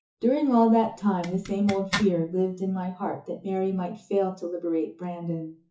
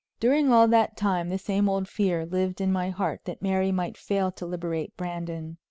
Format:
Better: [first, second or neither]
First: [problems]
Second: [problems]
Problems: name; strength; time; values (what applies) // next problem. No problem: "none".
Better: second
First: noise reduction (classical method WPE with log-MMSE)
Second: none